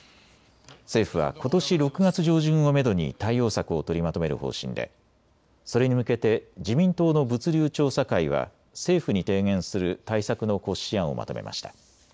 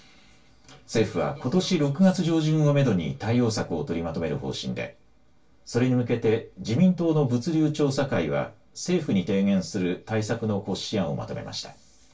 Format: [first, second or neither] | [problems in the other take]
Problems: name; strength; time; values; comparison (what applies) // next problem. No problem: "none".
first | room echo; dies away in 0.2 s